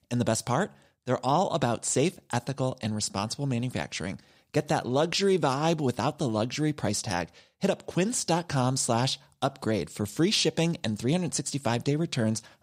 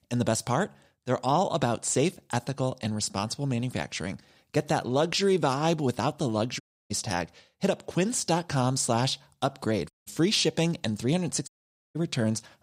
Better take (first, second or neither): first